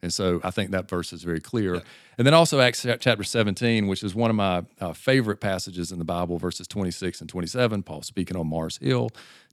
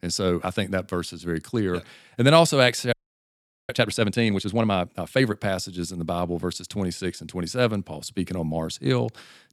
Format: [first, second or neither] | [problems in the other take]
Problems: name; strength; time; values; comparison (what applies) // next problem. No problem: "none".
first | audio freezing; at 3 s for 1 s